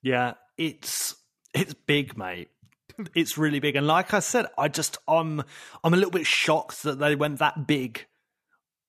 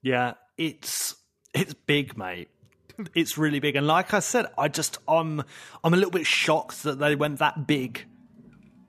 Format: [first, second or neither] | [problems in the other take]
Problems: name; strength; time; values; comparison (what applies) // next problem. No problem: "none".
first | traffic noise; faint; throughout; 30 dB below the speech